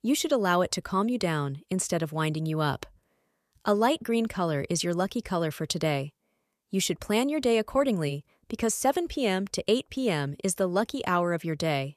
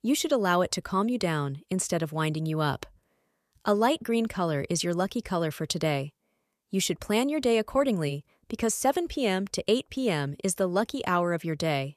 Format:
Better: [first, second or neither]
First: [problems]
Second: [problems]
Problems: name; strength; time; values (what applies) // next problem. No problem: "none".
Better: neither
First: none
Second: none